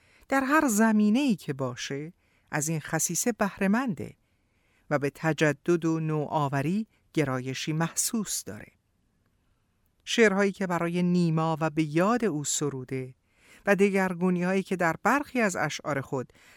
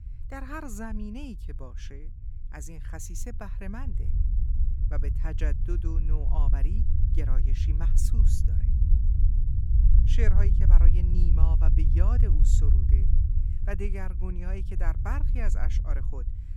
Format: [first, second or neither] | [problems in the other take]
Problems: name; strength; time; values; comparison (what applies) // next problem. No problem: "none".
first | low rumble; loud; throughout; 3 dB below the speech